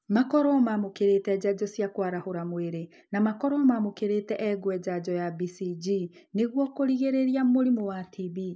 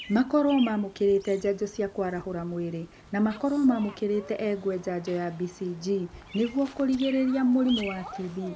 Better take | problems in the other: first | background sound (Bird vocalization, bird call, bird song); 18 dB below the speech

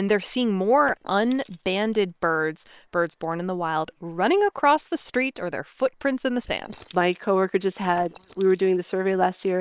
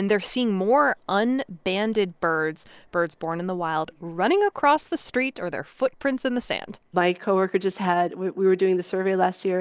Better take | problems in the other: second | noise reduction (neural separator model SepFormer WHAM!)

